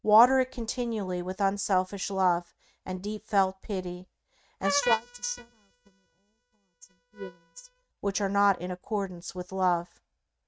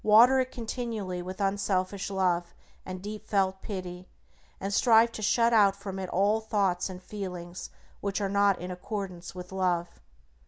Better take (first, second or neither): second